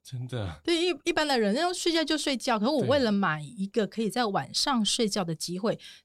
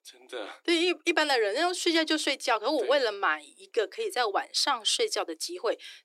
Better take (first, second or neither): first